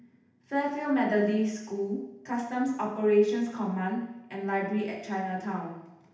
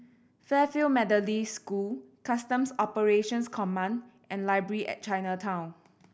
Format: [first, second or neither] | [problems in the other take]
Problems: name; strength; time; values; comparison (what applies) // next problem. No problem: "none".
second | room echo; dies away in 0.8 s